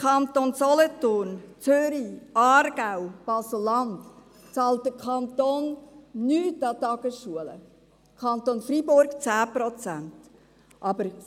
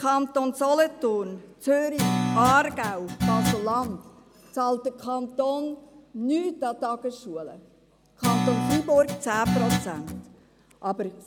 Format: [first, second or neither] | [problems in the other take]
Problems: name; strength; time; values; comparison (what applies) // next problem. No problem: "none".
first | background sound (Guitar); 1 dB below the speech